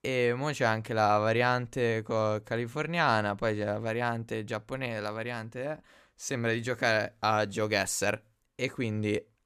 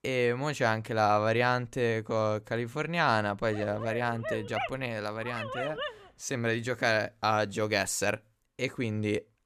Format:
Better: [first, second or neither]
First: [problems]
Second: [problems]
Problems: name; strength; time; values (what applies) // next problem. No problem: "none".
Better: first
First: none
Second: dog barking; noticeable; from 3.5 to 6 s; peak 4 dB below the speech